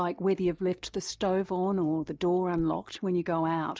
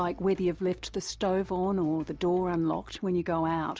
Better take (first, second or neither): second